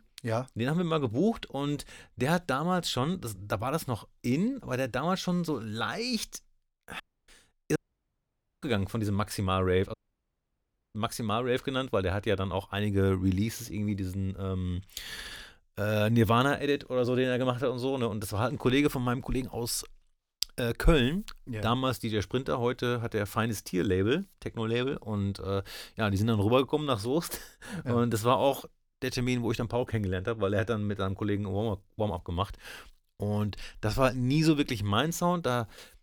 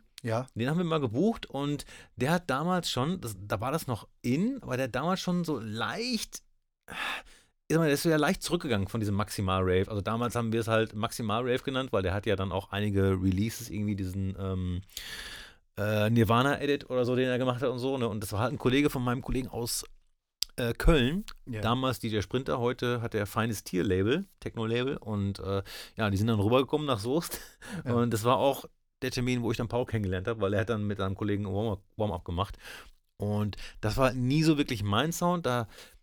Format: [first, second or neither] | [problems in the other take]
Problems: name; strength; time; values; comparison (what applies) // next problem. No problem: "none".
second | audio cutting out; at 7 s, at 8 s for 1 s and at 10 s for 1 s